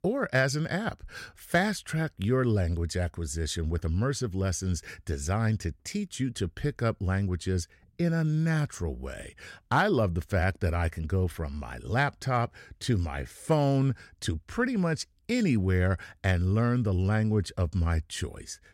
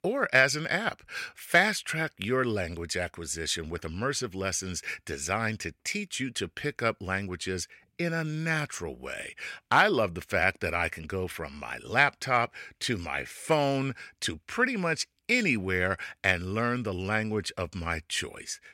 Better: first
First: none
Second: thin; somewhat; fading below 450 Hz

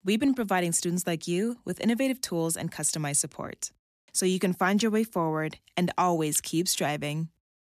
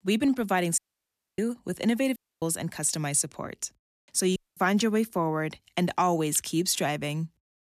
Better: first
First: none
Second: audio cutting out; at 1 s for 0.5 s, at 2 s and at 4.5 s

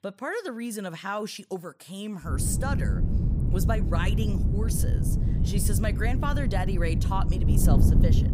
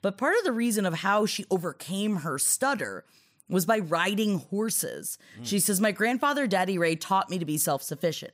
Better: second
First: wind noise on the microphone; heavy; from 2.5 s on; 5 dB below the speech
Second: none

